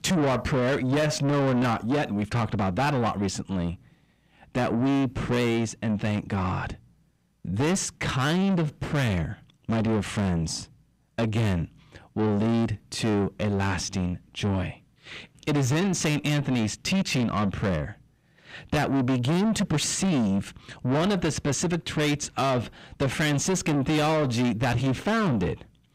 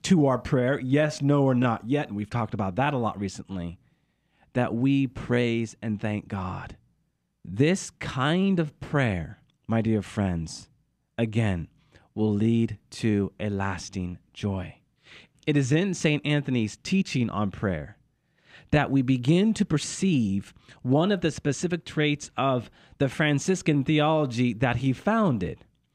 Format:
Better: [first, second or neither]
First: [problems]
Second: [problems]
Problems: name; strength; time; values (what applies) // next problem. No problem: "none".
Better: second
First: distortion; heavy; 6 dB below the speech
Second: none